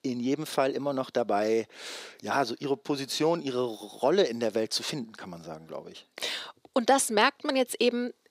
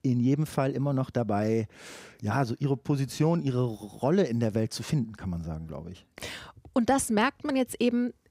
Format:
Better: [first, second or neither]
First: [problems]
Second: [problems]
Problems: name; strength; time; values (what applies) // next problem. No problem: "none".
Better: second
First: thin; somewhat; fading below 400 Hz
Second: none